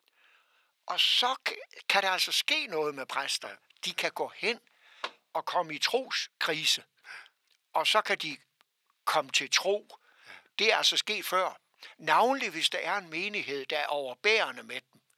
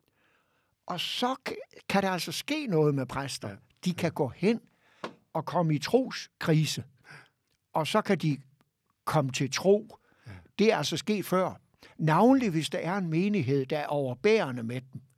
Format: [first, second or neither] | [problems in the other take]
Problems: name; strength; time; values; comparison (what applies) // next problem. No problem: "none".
second | thin; very; fading below 700 Hz